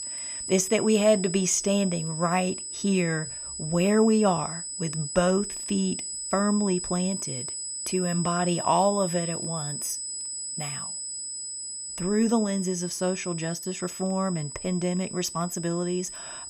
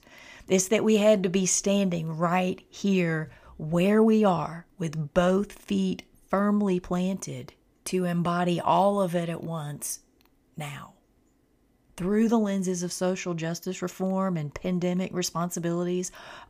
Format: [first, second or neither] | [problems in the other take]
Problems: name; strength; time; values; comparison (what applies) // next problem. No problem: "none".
second | high-pitched whine; loud; throughout; 8 kHz, 6 dB below the speech